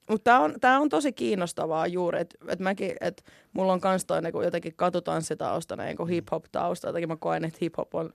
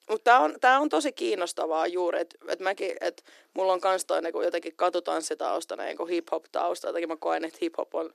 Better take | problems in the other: first | thin; somewhat; fading below 300 Hz

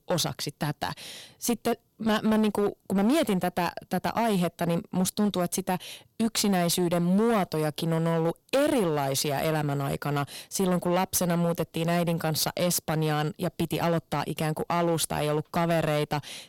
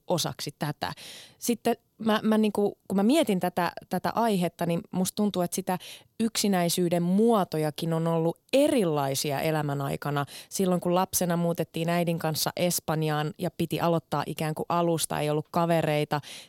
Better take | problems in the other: second | distortion; slight; 9% of the sound clipped

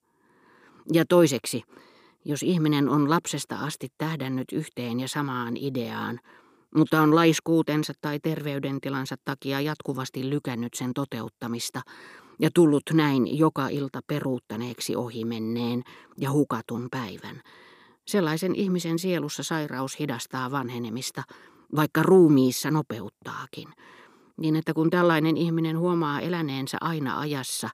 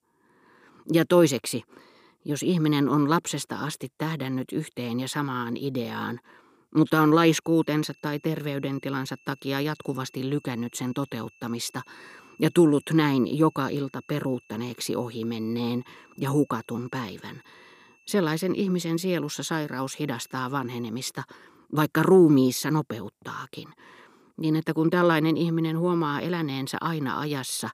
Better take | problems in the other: first | high-pitched whine; faint; from 7.5 to 21 s; 2.5 kHz, 30 dB below the speech

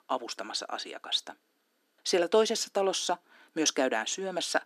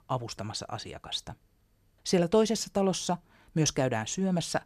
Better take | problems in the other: second | thin; somewhat; fading below 250 Hz

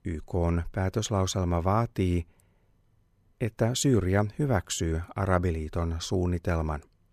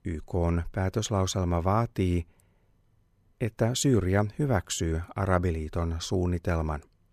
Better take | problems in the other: neither | none

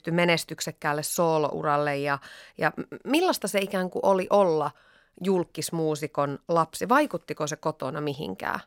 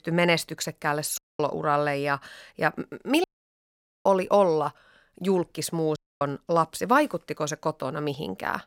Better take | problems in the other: first | audio cutting out; at 1 s, at 3 s for 1 s and at 6 s

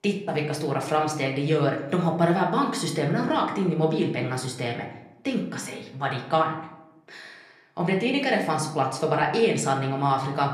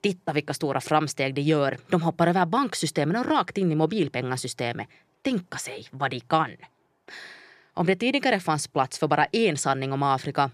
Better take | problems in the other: second | room echo; slight; dies away in 0.6 s // off-mic speech; somewhat distant

